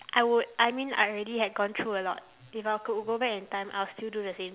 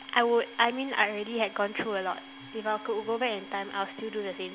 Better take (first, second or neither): first